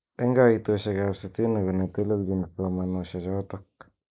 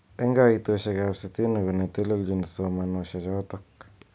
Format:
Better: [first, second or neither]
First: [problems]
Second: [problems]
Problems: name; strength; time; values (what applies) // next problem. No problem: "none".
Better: second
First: noise reduction (neural mask model Resemble Enhance denoiser)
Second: none